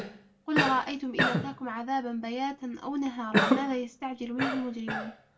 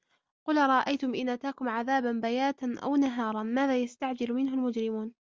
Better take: second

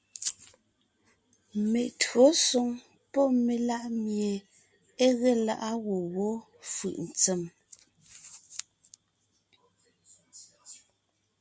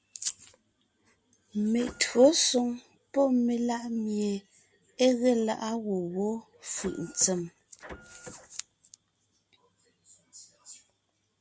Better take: first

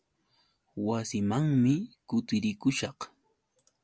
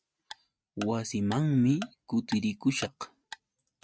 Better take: first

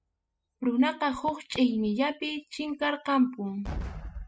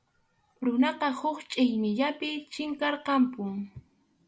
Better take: second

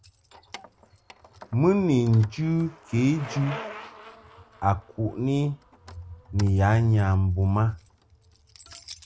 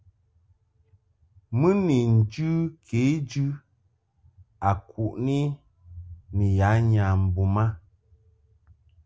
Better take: second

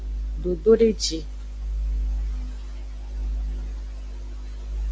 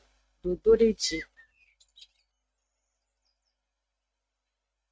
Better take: first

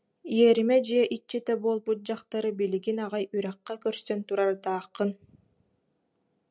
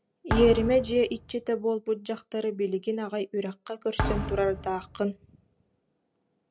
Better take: first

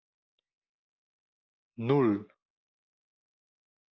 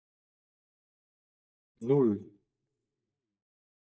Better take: first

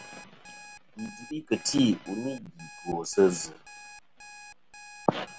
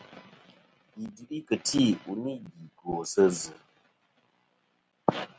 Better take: second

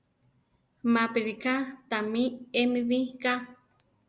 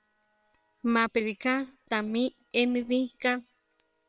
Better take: first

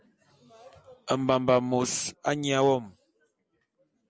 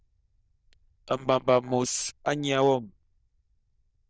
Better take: first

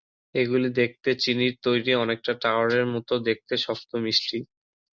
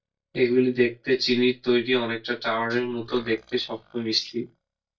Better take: first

